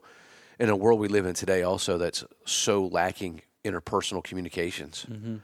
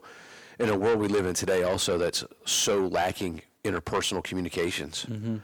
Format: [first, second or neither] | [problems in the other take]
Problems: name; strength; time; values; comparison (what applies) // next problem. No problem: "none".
first | distortion; heavy; 7 dB below the speech